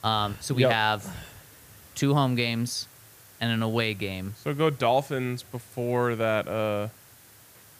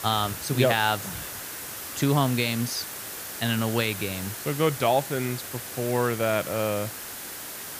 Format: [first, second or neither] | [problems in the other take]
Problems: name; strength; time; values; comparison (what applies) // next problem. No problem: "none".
first | hiss; loud; throughout; 8 dB below the speech; faint in the first